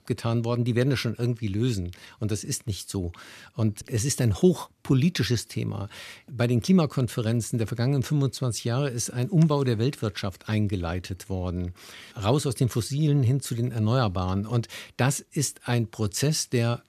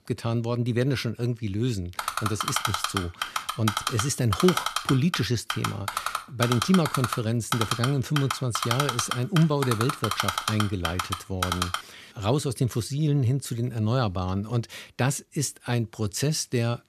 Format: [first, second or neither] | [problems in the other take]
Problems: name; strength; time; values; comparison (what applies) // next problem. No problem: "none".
first | keyboard typing; loud; from 2 to 12 s; peak level with the speech